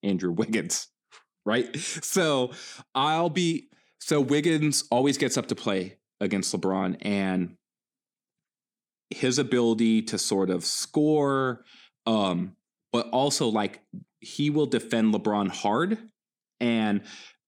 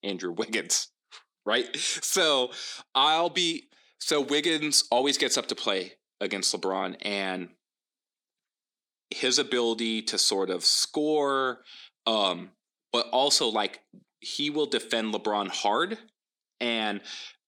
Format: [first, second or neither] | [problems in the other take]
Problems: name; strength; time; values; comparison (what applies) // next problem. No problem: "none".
first | thin; somewhat; fading below 400 Hz